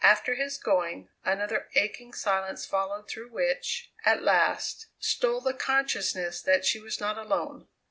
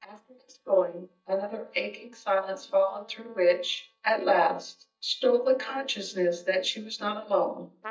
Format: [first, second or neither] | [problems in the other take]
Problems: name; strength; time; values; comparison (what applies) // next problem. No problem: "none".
first | noise reduction (neural mask model DeepFilterNet 3)